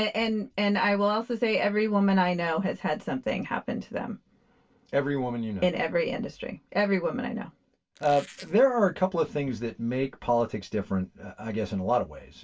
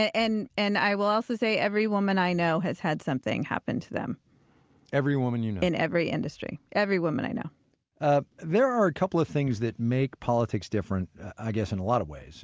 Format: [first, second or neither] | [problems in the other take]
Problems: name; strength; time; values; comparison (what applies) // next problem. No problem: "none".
second | background sound (Squeak); 19 dB below the speech // room echo; dies away in 0.1 s